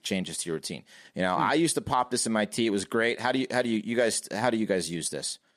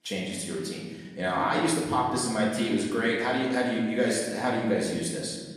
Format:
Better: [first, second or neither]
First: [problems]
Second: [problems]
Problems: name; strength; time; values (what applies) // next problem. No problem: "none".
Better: first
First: none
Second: room echo; noticeable; dies away in 1.4 s // off-mic speech; far